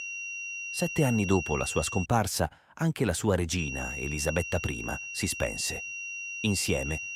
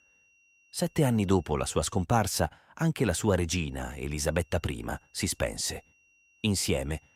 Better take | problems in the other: second | high-pitched whine; loud; until 2 s and from 3.5 s on; 2.5 kHz, 5 dB below the speech; faint in the second

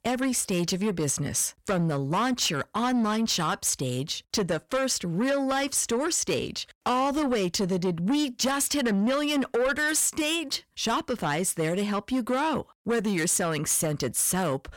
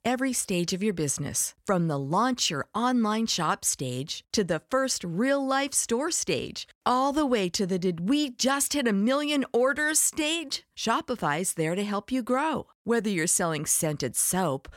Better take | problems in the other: second | distortion; slight; 10 dB below the speech

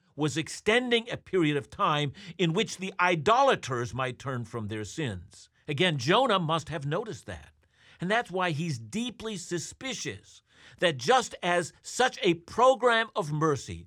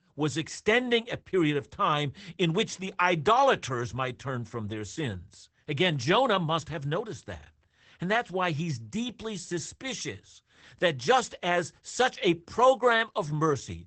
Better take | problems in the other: first | garbled, watery; badly; nothing above 8 kHz

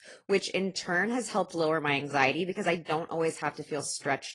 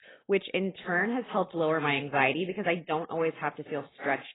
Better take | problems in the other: first | garbled, watery; badly; nothing above 4 kHz; slightly in the first

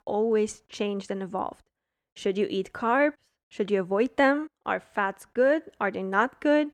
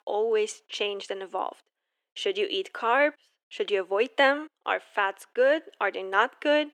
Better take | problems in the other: first | thin; somewhat; fading below 350 Hz

